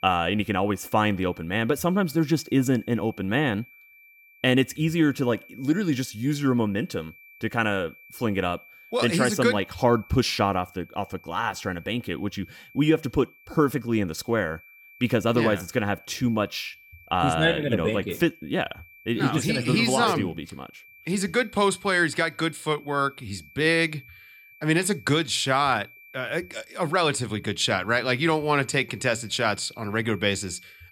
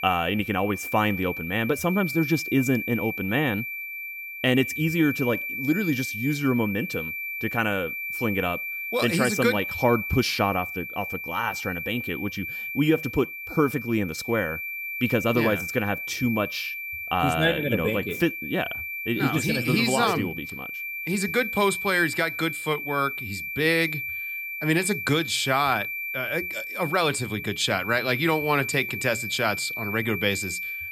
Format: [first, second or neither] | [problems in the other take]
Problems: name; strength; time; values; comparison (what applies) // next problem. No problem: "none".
first | high-pitched whine; loud; throughout; 2.5 kHz, 5 dB below the speech; faint in the first